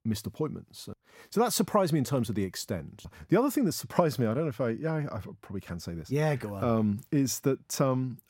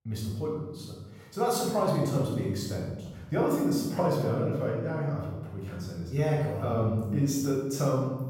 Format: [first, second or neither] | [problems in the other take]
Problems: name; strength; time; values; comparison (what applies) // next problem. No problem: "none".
first | off-mic speech; far // room echo; strong; dies away in 1 s